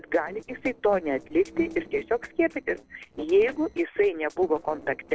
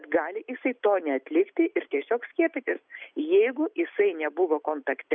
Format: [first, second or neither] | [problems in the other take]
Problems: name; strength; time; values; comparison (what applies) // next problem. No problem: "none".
second | noise reduction (neural separator model SepFormer DNS4)